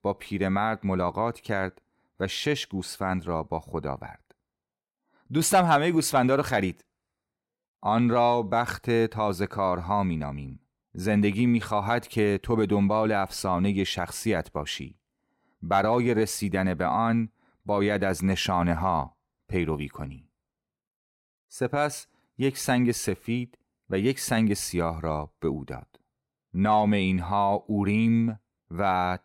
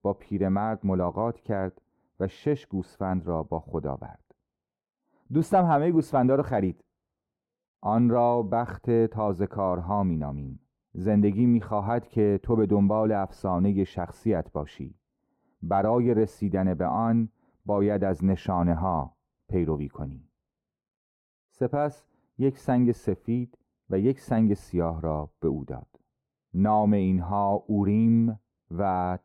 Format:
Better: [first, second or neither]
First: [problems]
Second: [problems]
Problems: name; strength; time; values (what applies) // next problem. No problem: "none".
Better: first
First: none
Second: muffled; very; fading above 1.5 kHz